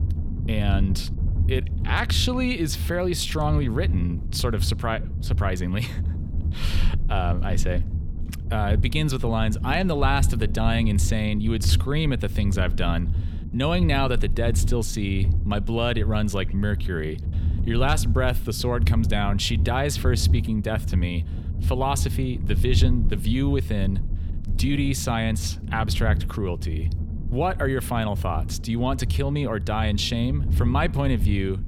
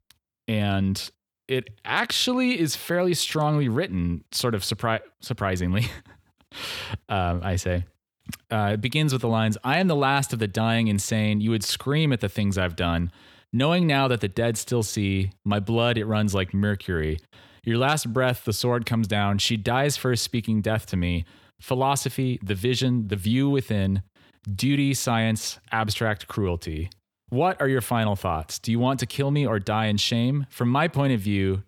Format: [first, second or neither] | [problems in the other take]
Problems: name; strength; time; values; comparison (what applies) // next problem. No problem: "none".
second | low rumble; noticeable; throughout; 15 dB below the speech